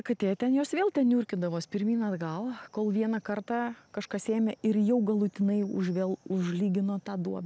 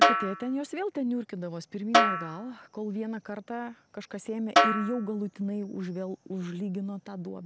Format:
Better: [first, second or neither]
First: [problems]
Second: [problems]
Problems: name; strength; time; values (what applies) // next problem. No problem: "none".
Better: first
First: none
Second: background sound (Snare drum); 4 dB above the speech